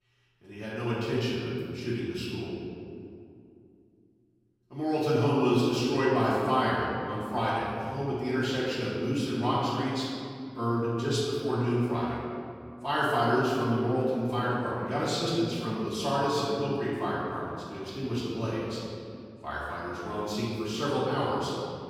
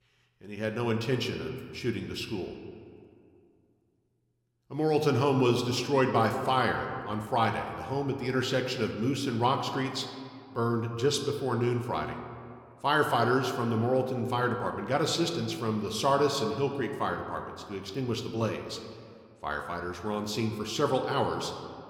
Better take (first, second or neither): second